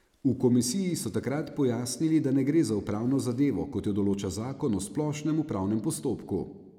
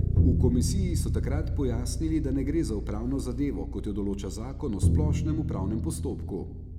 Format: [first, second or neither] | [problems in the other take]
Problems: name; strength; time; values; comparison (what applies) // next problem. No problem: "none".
first | background sound (Bass guitar + Bowed string instrument); 3 dB above the speech